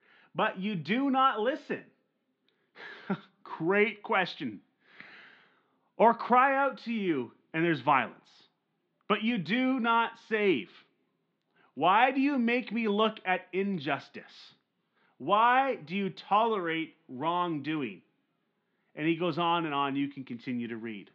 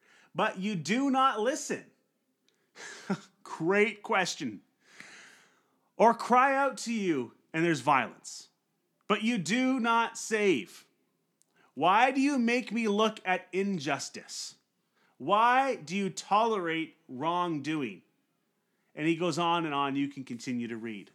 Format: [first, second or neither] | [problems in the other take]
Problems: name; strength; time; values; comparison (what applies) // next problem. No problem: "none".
second | muffled; slightly; fading above 4 kHz